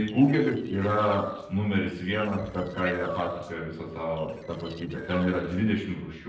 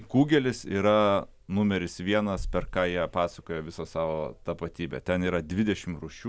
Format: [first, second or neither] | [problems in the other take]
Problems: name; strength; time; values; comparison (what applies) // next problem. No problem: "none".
second | noise reduction (neural separator model SepFormer DNS4)